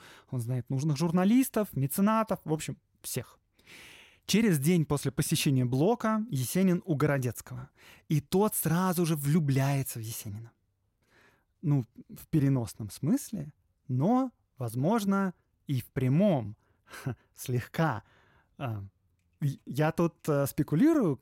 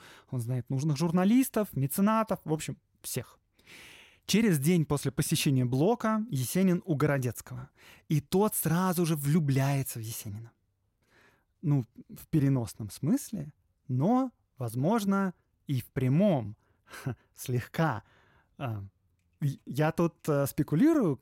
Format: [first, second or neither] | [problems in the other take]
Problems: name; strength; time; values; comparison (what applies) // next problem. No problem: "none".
neither | none